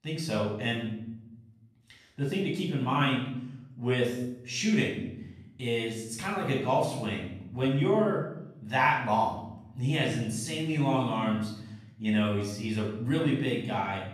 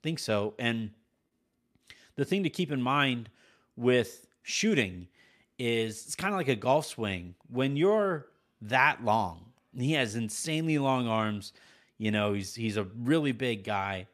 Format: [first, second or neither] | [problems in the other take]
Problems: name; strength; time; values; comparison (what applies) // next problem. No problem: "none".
second | room echo; noticeable; dies away in 0.8 s // off-mic speech; far